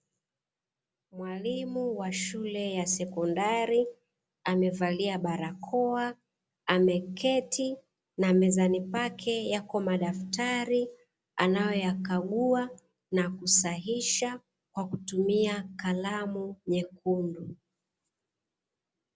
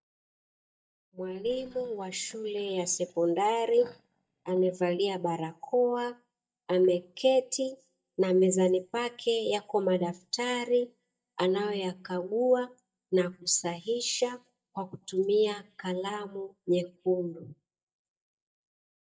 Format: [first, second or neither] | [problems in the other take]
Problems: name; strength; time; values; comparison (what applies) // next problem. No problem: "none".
first | noise reduction (neural mask model DeepFilterNet 3)